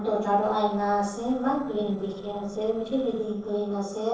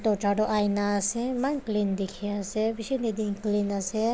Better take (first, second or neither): second